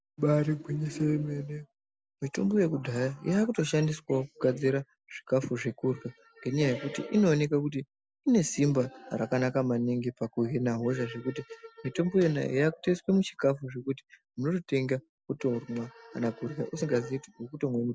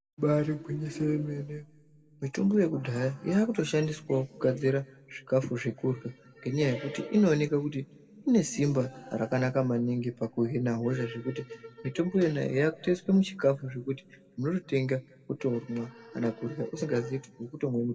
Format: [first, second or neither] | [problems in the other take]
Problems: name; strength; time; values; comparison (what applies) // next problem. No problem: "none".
first | room echo; dies away in 1.3 s